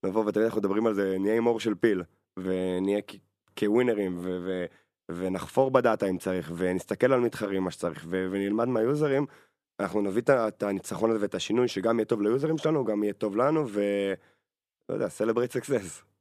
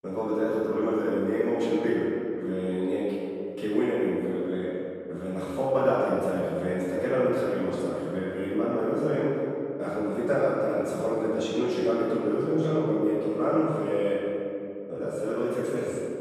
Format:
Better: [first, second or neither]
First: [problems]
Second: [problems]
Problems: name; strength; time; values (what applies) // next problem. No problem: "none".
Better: first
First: none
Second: off-mic speech; far // room echo; strong; dies away in 2.5 s